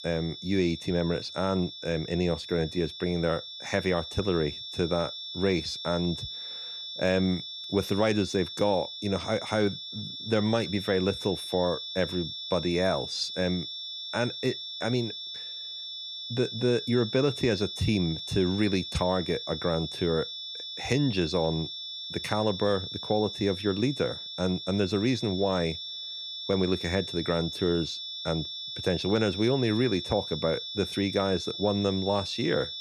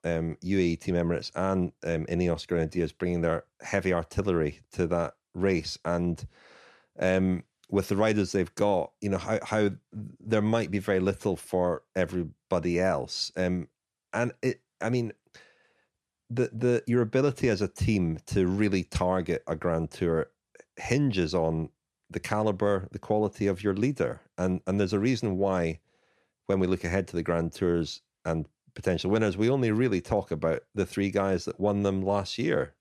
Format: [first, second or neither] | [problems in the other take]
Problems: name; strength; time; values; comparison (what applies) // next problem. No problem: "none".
second | high-pitched whine; loud; throughout; 3.5 kHz, 7 dB below the speech